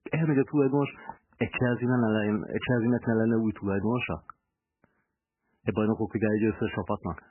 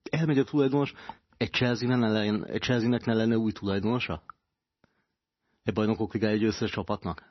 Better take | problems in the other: second | garbled, watery; badly; nothing above 3 kHz; slightly in the second

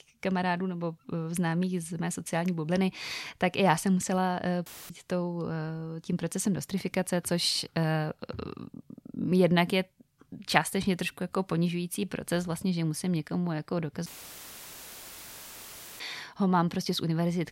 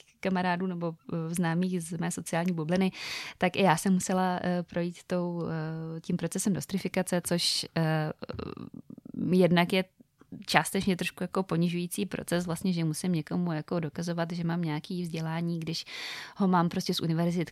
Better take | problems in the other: second | audio cutting out; filled with static; at 4.5 s and at 14 s for 2 s

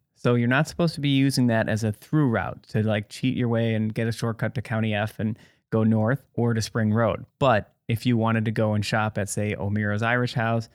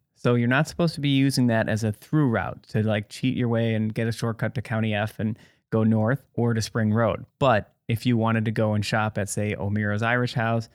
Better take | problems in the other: neither | none

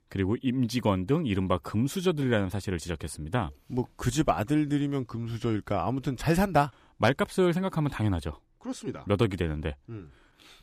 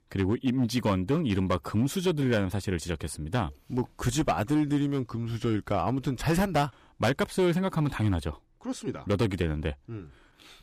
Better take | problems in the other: first | distortion; slight; 5% of the sound clipped

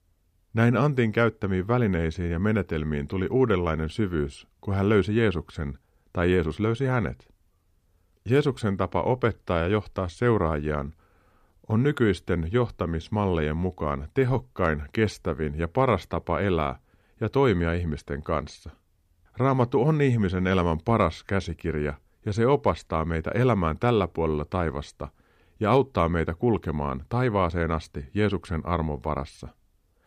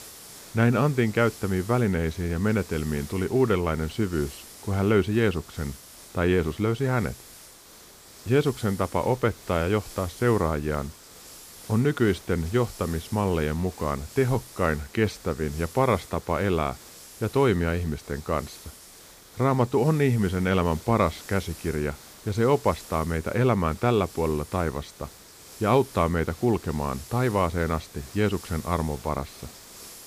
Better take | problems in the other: first | hiss; noticeable; throughout; 20 dB below the speech

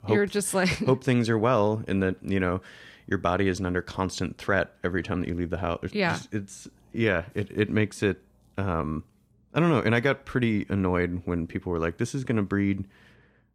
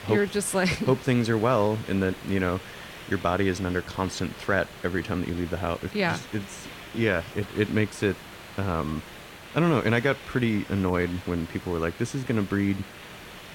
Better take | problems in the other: first | hiss; noticeable; throughout; 15 dB below the speech

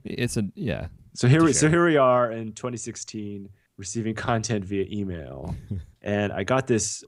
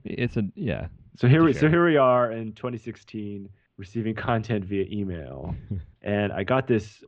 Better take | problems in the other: first | muffled; very; fading above 3 kHz

